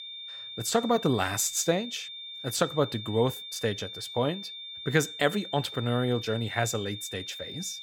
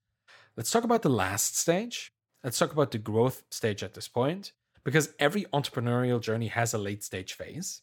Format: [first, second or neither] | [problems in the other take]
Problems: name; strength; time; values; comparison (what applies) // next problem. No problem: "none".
second | high-pitched whine; loud; throughout; 3.5 kHz, 9 dB below the speech